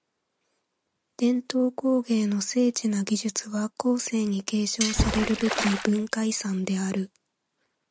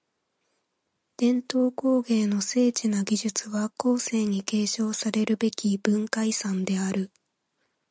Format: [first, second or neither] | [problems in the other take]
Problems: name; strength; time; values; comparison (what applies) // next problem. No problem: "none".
second | background sound (Water / Splash, splatter + Cutlery, silverware); 3 dB below the speech